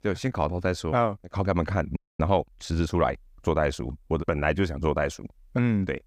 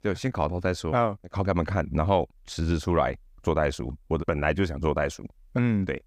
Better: second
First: audio freezing; at 2 s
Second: none

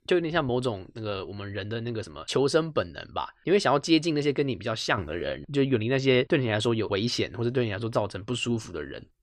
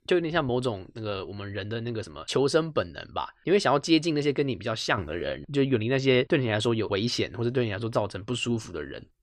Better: neither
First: none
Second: none

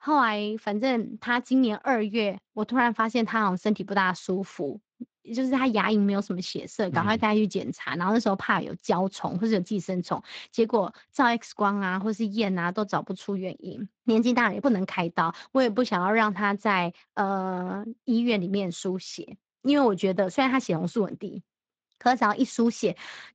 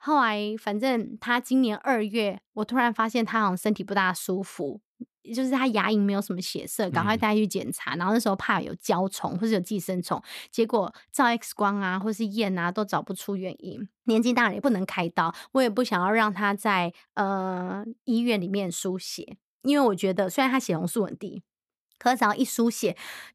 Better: second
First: garbled, watery; slightly; nothing above 7.5 kHz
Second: none

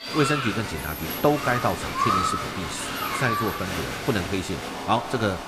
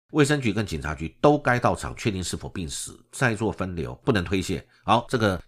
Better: second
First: crowd noise; loud; throughout; 1 dB below the speech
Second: none

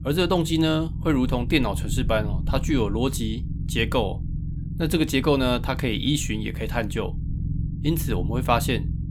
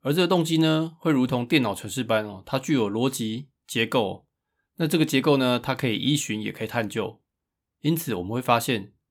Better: second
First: low rumble; noticeable; throughout; 15 dB below the speech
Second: none

